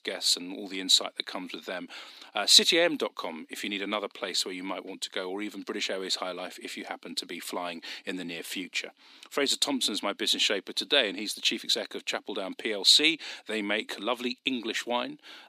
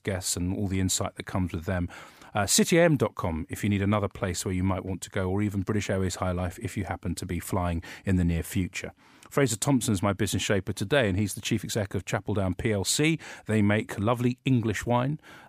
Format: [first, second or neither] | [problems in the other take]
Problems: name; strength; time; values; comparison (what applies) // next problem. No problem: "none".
second | thin; somewhat; fading below 250 Hz